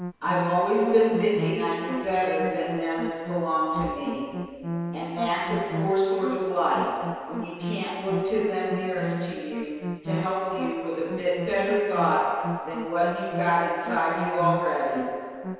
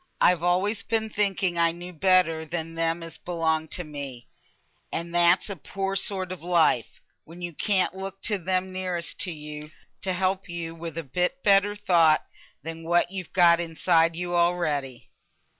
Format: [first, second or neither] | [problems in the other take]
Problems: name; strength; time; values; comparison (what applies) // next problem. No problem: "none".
second | background sound (Musical instrument); 7 dB below the speech // room echo; dies away in 2.2 s